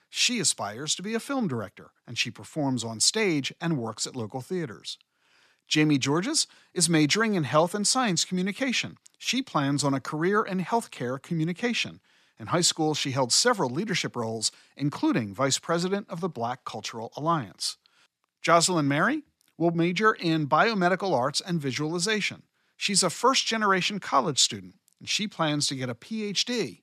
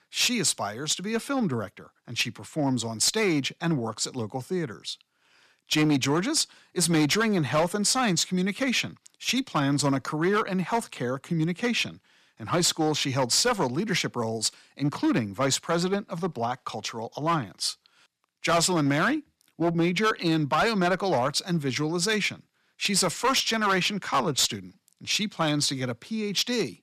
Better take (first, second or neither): first